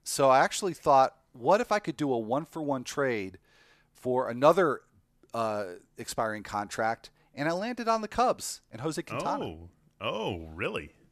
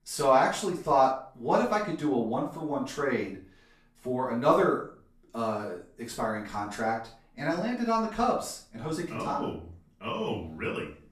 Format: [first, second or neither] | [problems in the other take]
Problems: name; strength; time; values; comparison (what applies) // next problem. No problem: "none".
first | off-mic speech; far // room echo; slight; dies away in 0.4 s